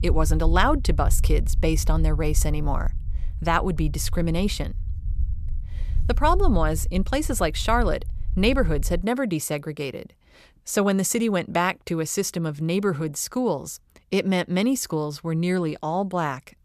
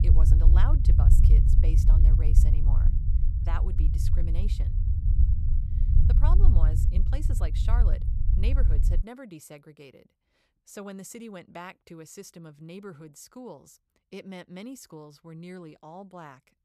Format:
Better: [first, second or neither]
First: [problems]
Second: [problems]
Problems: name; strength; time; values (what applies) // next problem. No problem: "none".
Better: first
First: low rumble; faint; until 9 s; 20 dB below the speech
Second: low rumble; loud; until 9 s; as loud as the speech